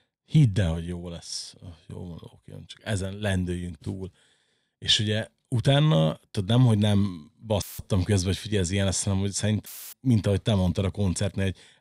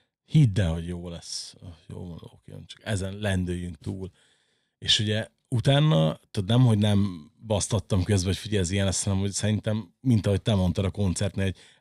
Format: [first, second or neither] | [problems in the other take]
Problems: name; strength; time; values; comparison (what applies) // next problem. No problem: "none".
second | audio cutting out; filled with static; at 7.5 s and at 9.5 s